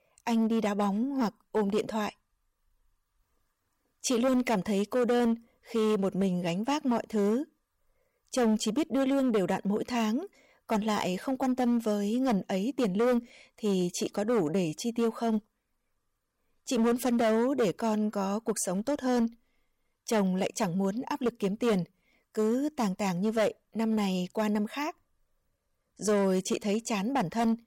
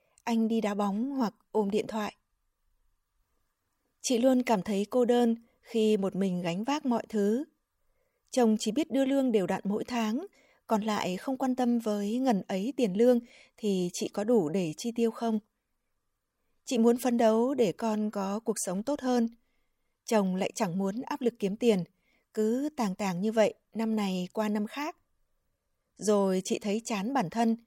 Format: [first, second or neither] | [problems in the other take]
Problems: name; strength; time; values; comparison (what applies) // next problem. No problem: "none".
second | distortion; slight; 7% of the sound clipped